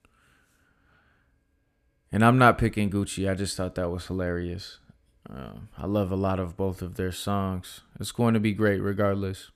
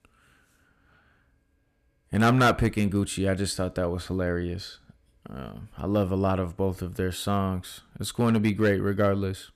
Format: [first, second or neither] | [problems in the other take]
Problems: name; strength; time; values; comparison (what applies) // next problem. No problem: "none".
first | distortion; slight; 1.6% of the sound clipped